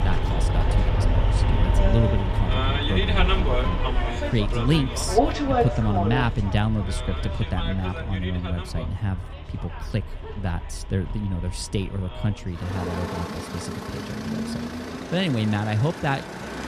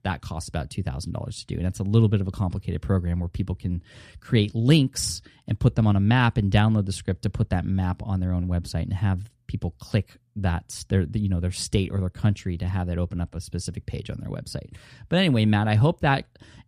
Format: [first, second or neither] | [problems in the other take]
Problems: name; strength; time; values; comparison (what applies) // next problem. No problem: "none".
second | traffic noise; very loud; throughout; 1 dB above the speech